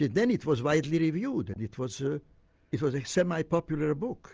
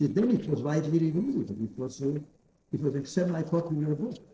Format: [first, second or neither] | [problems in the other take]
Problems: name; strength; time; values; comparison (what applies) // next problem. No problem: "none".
first | noise reduction (neural separator model SepFormer DNS4)